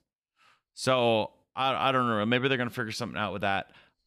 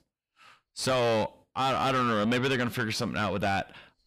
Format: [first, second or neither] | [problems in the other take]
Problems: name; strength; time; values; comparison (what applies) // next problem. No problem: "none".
first | distortion; heavy; 7 dB below the speech